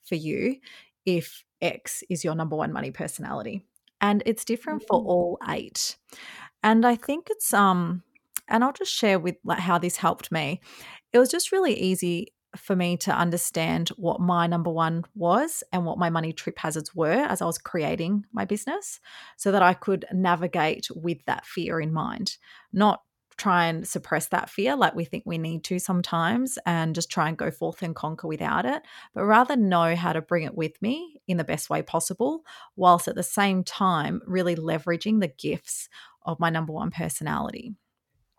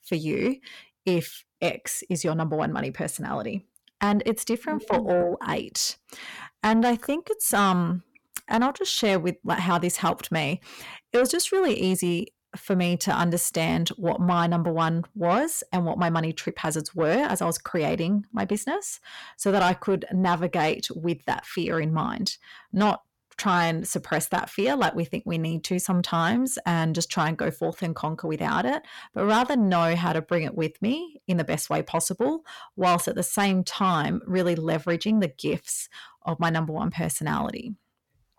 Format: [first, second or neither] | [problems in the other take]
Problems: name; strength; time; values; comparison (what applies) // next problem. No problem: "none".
first | distortion; slight; 10 dB below the speech